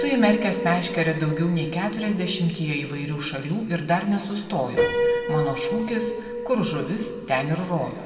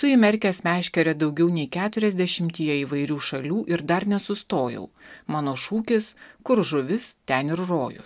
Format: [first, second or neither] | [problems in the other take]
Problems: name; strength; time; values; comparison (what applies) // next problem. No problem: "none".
second | background sound (Piano); 5 dB below the speech // room echo; dies away in 1.9 s